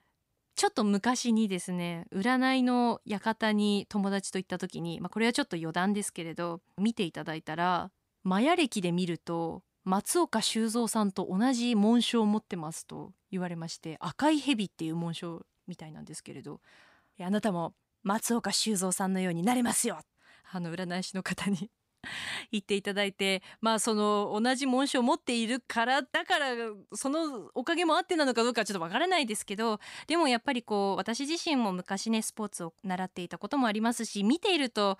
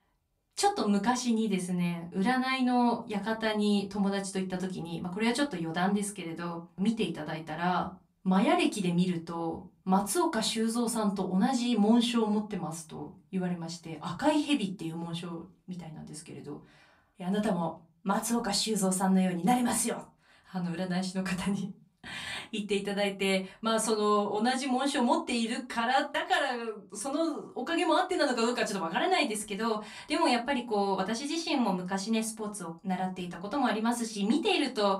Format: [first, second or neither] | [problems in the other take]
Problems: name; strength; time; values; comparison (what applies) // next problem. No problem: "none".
first | off-mic speech; far // room echo; very slight; dies away in 0.2 s